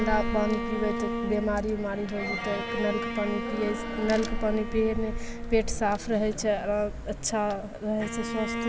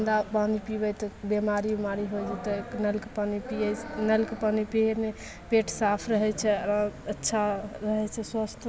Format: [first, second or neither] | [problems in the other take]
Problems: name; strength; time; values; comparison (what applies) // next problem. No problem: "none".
second | background sound (Bowed string instrument + Crack); 4 dB below the speech